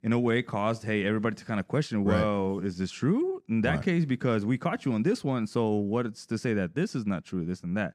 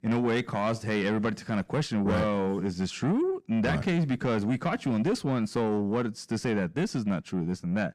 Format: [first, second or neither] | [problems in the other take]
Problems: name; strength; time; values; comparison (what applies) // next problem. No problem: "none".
first | distortion; slight; 10 dB below the speech